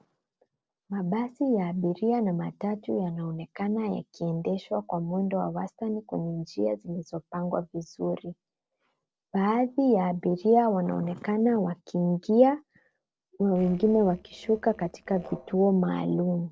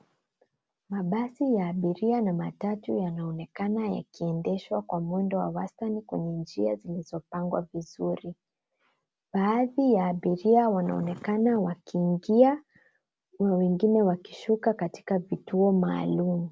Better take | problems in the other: second | noise reduction (neural separator model SepFormer DNS4)

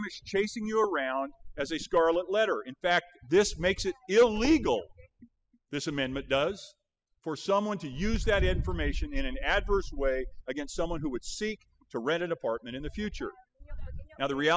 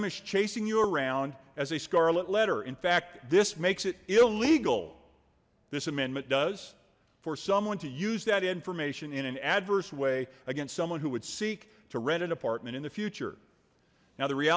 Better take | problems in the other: second | noise reduction (classical method spectral subtraction)

